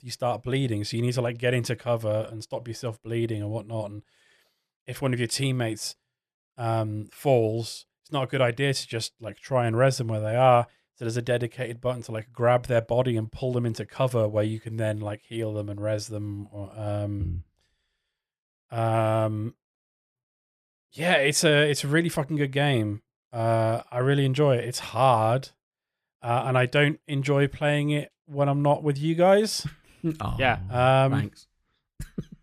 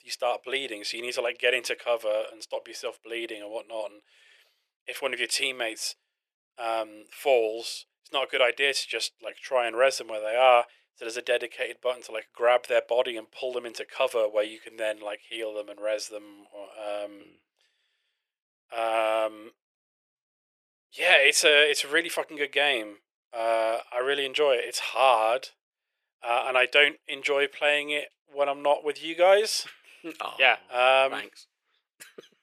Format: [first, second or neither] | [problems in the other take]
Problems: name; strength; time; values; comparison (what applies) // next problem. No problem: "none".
first | thin; very; fading below 450 Hz